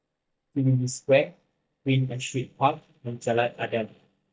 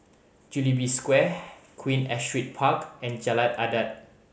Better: second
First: noise reduction (neural mask model DeepFilterNet 3)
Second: none

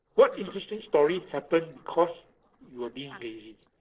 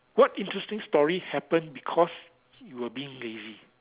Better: second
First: noise reduction (neural separator model SepFormer DNS4)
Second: none

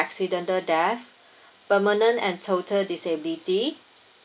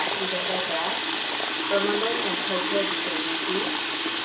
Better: first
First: none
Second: background sound (Water tap, faucet); 4 dB above the speech // room echo; dies away in 0.3 s

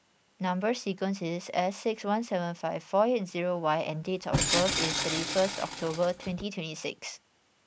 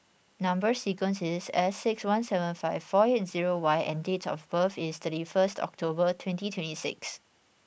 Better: second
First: background sound (Tools); 1 dB below the speech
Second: none

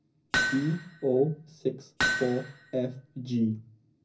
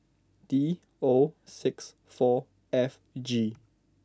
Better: second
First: background sound (Hammer); 3 dB below the speech // room echo; dies away in 0.4 s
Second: none

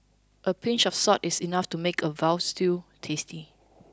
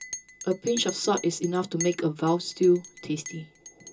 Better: first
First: none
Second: background sound (Chink, clink); 13 dB below the speech // room echo; dies away in 0.2 s

